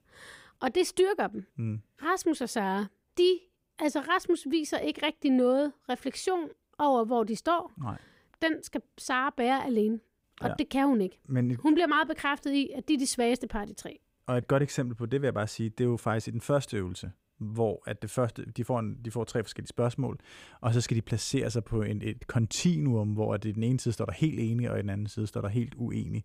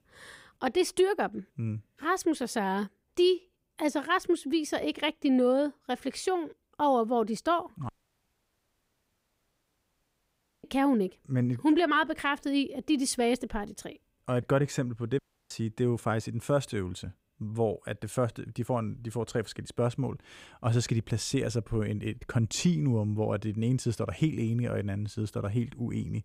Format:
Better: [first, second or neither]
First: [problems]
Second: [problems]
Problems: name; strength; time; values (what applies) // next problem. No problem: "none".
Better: first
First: none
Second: audio cutting out; at 8 s for 3 s and at 15 s